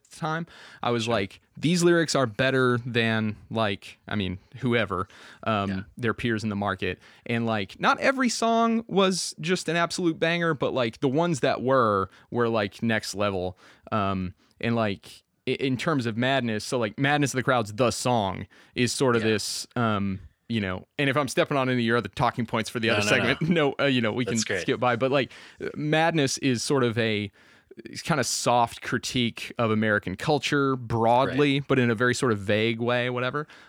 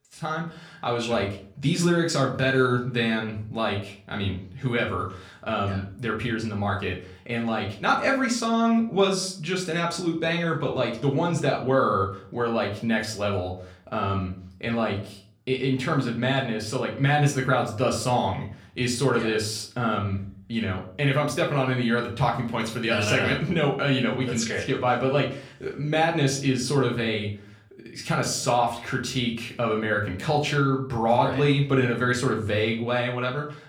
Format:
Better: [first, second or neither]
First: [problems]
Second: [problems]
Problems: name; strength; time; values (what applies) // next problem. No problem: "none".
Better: first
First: none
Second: room echo; slight; dies away in 0.4 s // off-mic speech; far